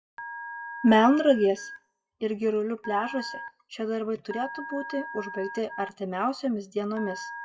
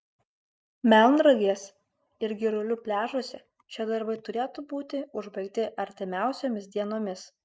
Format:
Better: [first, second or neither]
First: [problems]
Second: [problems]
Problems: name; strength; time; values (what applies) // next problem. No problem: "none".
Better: second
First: noise reduction (classical method WPE with log-MMSE)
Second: none